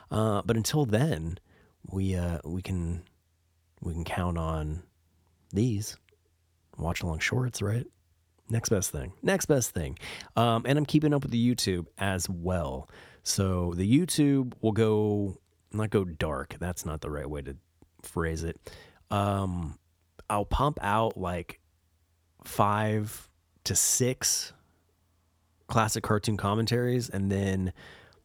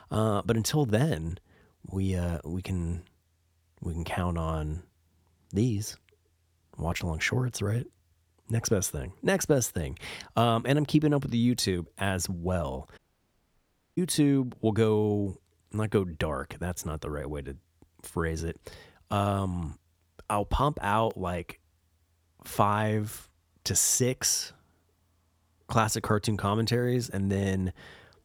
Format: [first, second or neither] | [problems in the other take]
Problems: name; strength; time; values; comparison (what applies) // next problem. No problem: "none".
first | audio cutting out; at 13 s for 1 s